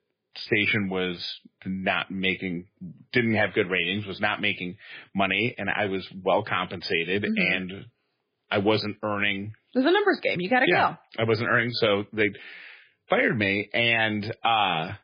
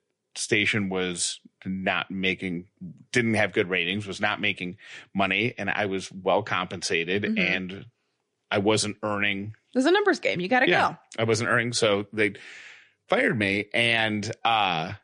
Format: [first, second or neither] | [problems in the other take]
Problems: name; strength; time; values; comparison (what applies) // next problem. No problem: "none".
second | garbled, watery; badly; nothing above 5 kHz; slightly in the second